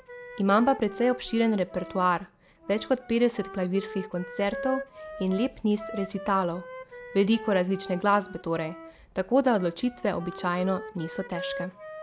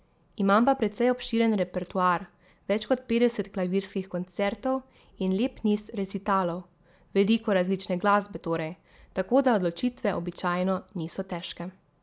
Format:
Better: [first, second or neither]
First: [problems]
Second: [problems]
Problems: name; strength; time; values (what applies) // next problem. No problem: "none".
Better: second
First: background sound (Wind instrument, woodwind instrument); 13 dB below the speech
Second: none